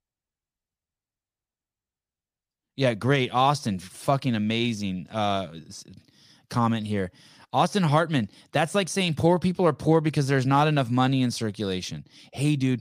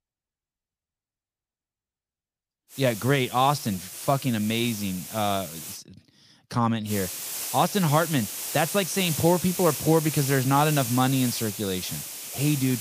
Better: first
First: none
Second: hiss; very faint; from 2.5 to 6 s and from 7 s on; 7 dB below the speech

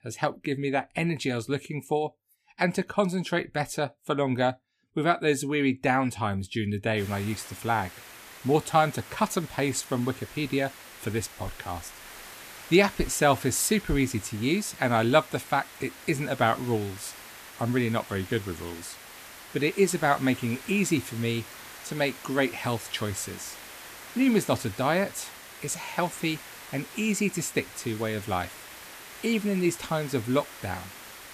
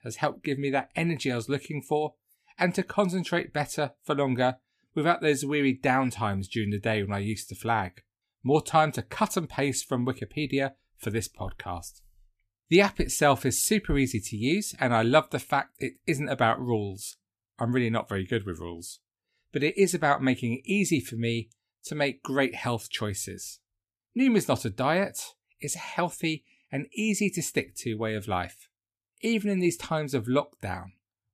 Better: second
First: hiss; noticeable; from 7 s on; 15 dB below the speech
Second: none

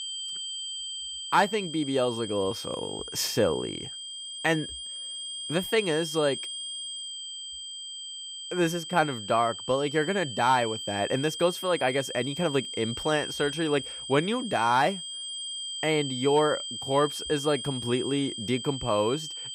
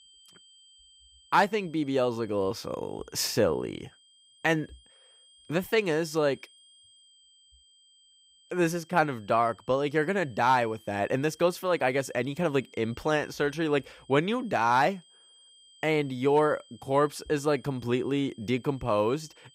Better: second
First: high-pitched whine; loud; throughout; 3 kHz, 7 dB below the speech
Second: high-pitched whine; faint; throughout; 3 kHz, 30 dB below the speech

